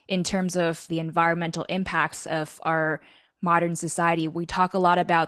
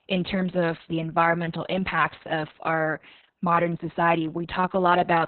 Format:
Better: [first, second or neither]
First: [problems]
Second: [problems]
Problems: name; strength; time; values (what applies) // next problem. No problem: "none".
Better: first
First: garbled, watery; slightly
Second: garbled, watery; badly; nothing above 4 kHz